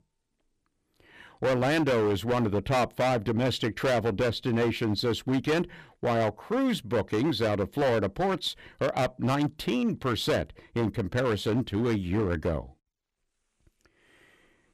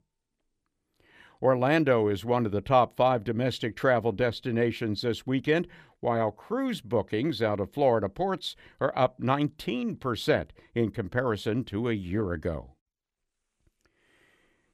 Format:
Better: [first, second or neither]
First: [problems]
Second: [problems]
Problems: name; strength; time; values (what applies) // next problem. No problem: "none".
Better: second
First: distortion; heavy; 14% of the sound clipped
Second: none